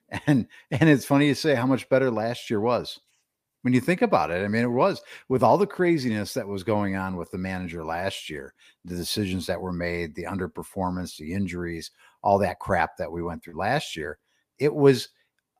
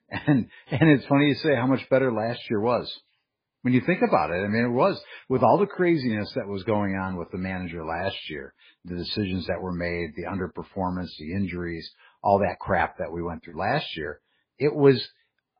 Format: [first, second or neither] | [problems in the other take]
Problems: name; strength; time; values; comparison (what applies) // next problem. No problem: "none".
first | garbled, watery; badly; nothing above 4.5 kHz